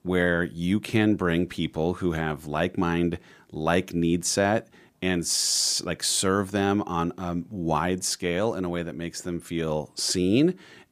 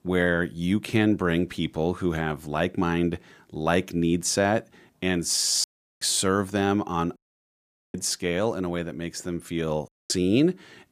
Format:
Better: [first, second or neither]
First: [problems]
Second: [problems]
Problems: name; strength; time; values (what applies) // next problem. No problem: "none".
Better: first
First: none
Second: audio cutting out; at 5.5 s, at 7 s for 1 s and at 10 s